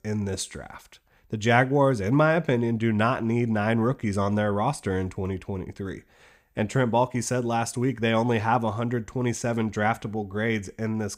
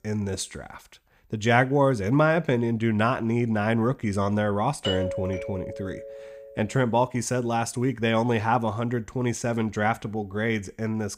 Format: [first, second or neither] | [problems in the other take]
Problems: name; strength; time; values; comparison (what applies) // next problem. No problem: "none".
first | doorbell; noticeable; from 5 to 6.5 s; peak 4 dB below the speech